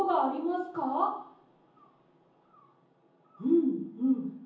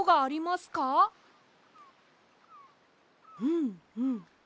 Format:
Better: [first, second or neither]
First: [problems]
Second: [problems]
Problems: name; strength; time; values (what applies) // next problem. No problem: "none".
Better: second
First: room echo; dies away in 0.7 s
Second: none